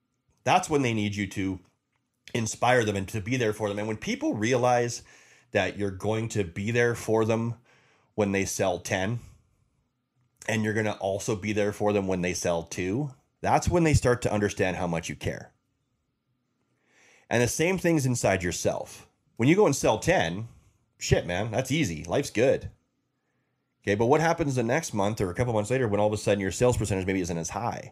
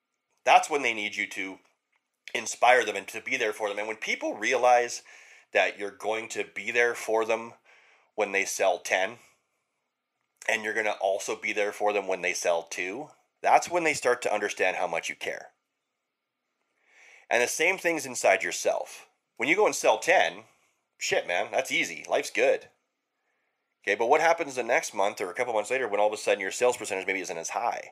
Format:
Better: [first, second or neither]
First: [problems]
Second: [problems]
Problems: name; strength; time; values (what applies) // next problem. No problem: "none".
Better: first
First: none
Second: thin; very; fading below 550 Hz